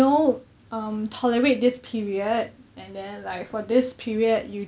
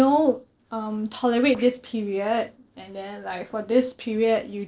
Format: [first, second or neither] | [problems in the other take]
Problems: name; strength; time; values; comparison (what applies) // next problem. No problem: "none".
first | noise reduction (neural separator model SepFormer DNS4)